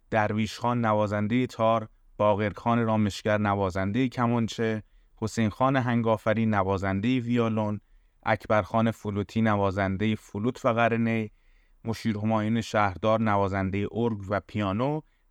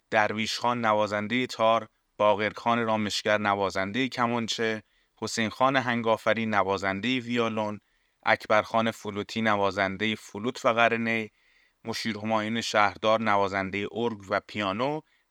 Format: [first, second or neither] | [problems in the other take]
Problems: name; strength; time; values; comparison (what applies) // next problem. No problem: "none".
first | thin; very slightly; fading below 450 Hz